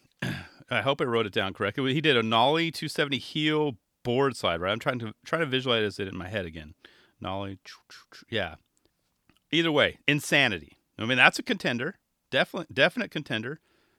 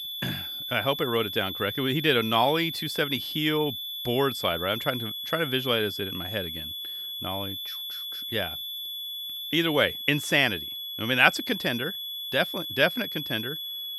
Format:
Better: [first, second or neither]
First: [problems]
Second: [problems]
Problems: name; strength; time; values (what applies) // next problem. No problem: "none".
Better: first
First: none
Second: high-pitched whine; loud; throughout; 3.5 kHz, 6 dB below the speech